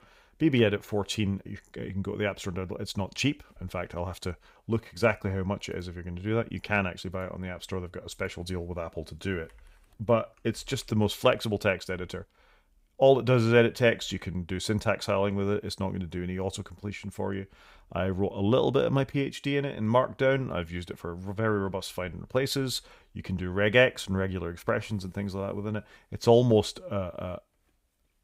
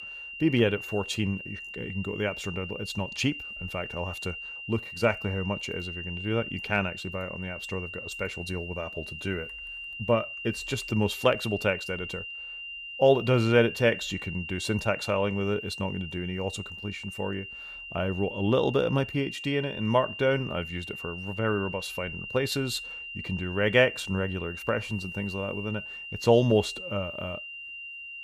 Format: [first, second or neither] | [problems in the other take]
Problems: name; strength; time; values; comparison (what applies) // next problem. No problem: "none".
first | high-pitched whine; loud; throughout; 3 kHz, 8 dB below the speech